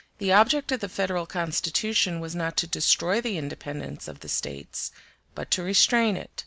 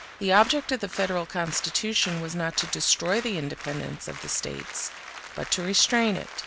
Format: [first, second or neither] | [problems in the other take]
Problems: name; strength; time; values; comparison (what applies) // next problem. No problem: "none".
first | background sound (Applause); 13 dB below the speech